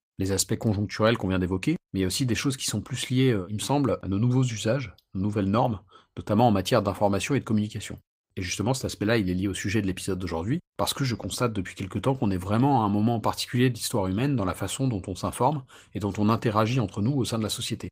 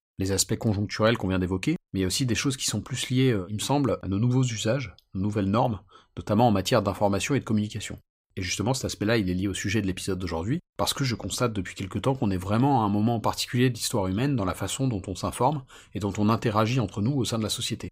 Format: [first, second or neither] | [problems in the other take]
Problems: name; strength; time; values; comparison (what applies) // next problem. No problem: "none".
second | garbled, watery; slightly; nothing above 15.5 kHz